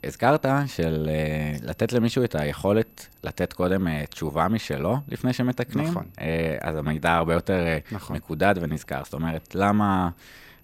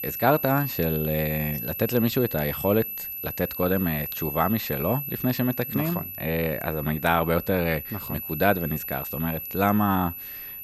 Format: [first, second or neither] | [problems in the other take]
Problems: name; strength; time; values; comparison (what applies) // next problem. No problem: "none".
first | high-pitched whine; loud; throughout; 12 kHz, 6 dB below the speech; faint in the first